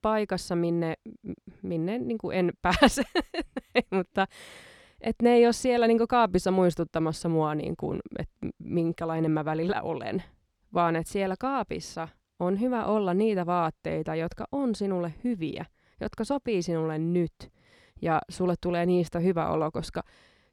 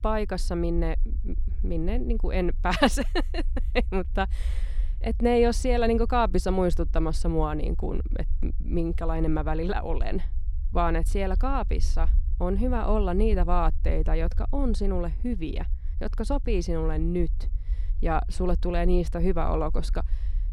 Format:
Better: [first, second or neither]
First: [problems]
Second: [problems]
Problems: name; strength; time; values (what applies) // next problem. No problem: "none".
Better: first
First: none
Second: low rumble; faint; throughout; 25 dB below the speech